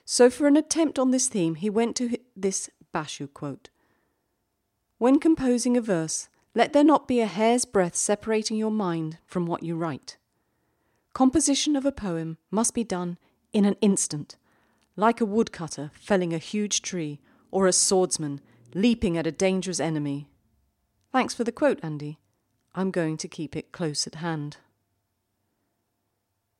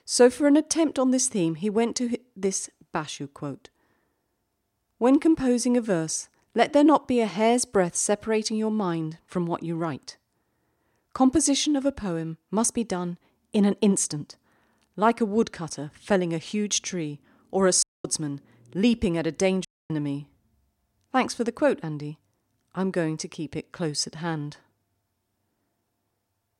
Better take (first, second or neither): first